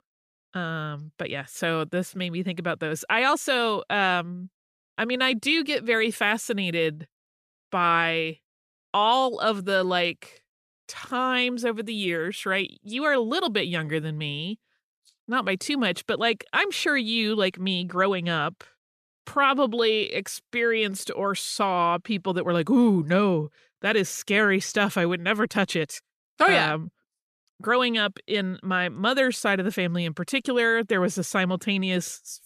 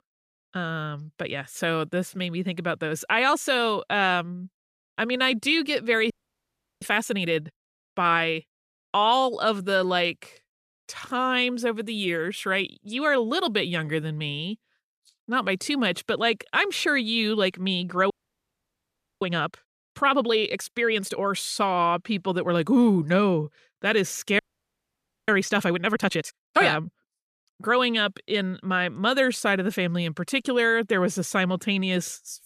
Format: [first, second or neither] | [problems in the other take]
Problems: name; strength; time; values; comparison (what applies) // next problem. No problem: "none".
first | audio freezing; at 6 s for 0.5 s, at 18 s for 1 s and at 24 s for 1 s